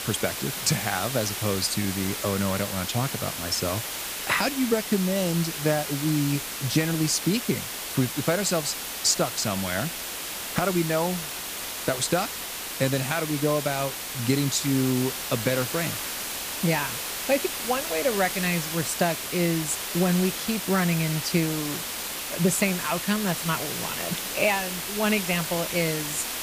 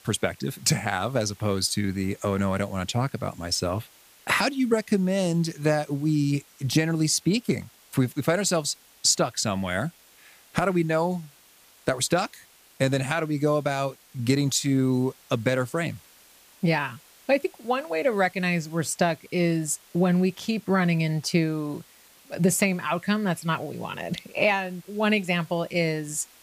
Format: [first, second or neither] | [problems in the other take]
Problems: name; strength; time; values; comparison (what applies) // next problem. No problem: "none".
second | hiss; loud; throughout; 4 dB below the speech; faint in the second